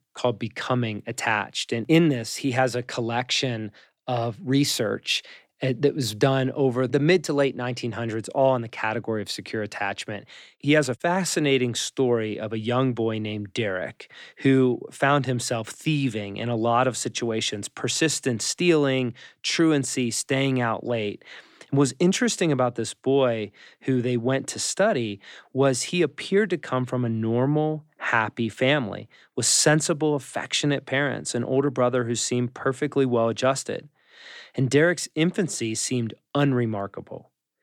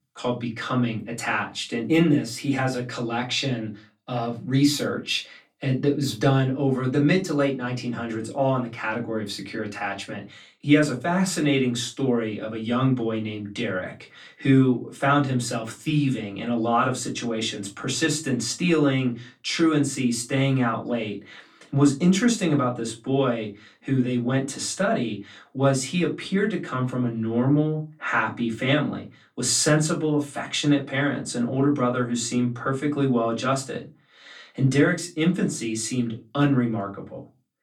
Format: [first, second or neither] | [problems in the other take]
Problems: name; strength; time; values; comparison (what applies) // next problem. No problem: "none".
first | off-mic speech; far // room echo; very slight; dies away in 0.2 s